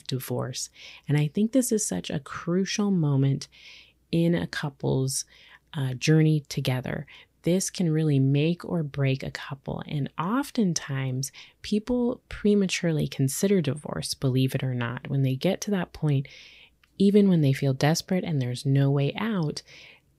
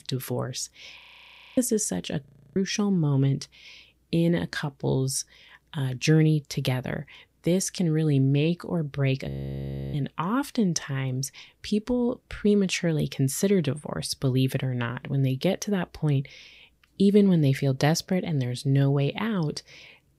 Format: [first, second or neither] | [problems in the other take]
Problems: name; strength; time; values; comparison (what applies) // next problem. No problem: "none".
first | audio freezing; at 1 s for 0.5 s, at 2.5 s and at 9.5 s for 0.5 s